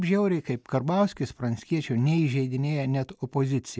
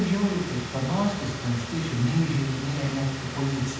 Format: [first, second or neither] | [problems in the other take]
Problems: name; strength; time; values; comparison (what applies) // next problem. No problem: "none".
first | background sound (Car); 10 dB below the speech // room echo; dies away in 1 s